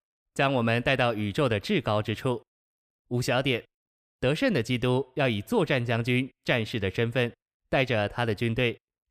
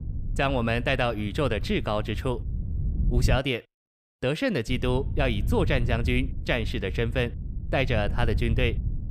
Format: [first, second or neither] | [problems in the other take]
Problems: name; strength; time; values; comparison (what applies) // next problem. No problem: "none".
first | wind noise on the microphone; occasional gusts; until 3.5 s and from 4.5 s on; 20 dB below the speech